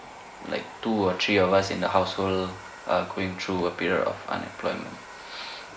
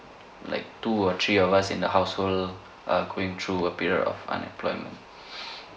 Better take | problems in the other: second | background sound (Domestic sounds, home sounds); 18 dB below the speech

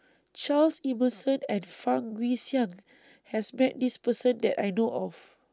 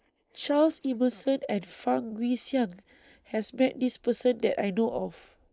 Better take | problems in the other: first | noise reduction (neural mask model Resemble Enhance denoiser)

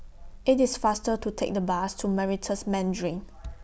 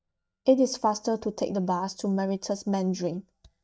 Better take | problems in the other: first | noise reduction (neural mask model DeepFilterNet 3)

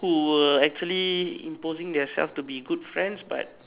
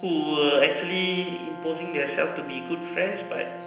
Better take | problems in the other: first | background sound (Brass instrument); 12 dB below the speech // room echo; dies away in 0.9 s

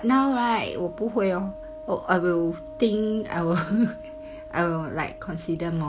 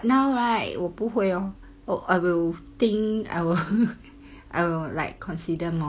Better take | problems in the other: second | background sound (Wind instrument, woodwind instrument); 15 dB below the speech

